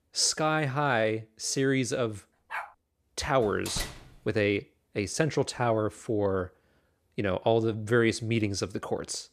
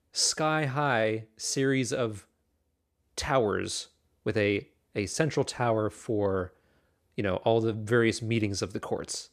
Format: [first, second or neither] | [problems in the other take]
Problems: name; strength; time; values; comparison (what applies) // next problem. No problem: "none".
second | dog barking; noticeable; at 2.5 s; peak 10 dB below the speech // door banging; noticeable; from 3.5 to 4.5 s; peak 8 dB below the speech